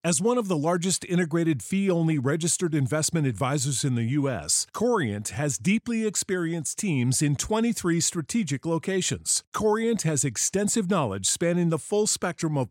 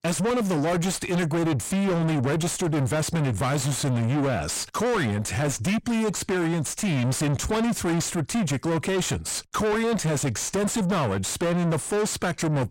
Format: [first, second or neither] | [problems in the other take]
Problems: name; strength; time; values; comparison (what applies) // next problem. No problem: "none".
first | distortion; heavy; 5 dB below the speech